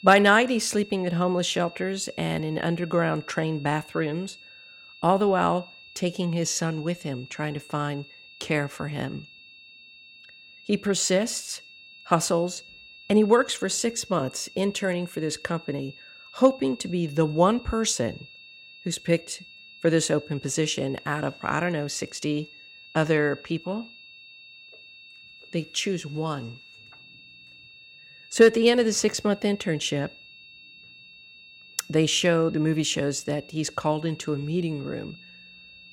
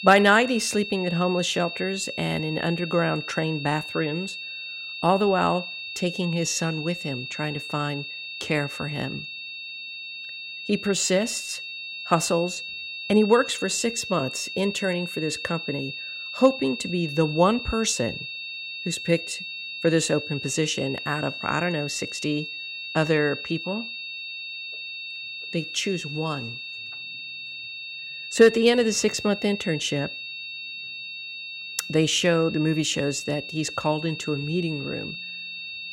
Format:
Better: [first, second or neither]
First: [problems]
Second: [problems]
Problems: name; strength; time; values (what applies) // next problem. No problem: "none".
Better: first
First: high-pitched whine; faint; throughout; 2.5 kHz, 20 dB below the speech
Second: high-pitched whine; loud; throughout; 2.5 kHz, 8 dB below the speech